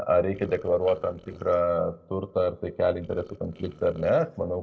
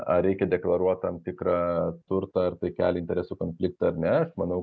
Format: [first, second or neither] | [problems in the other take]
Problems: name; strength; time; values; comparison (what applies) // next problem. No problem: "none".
second | noise reduction (neural separator model SepFormer DNS4)